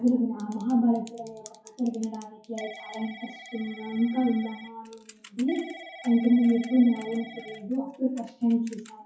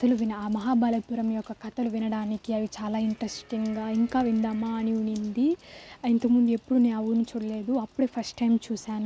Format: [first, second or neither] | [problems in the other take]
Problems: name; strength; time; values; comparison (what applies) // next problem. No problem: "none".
second | noise reduction (classical method WPE with log-MMSE)